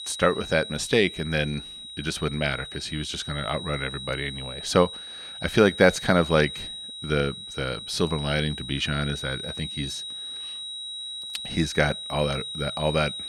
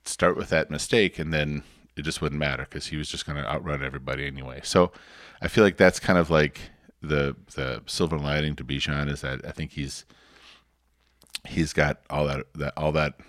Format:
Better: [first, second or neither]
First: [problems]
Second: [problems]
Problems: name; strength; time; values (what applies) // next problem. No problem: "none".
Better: second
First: high-pitched whine; loud; throughout; 4 kHz, 8 dB below the speech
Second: none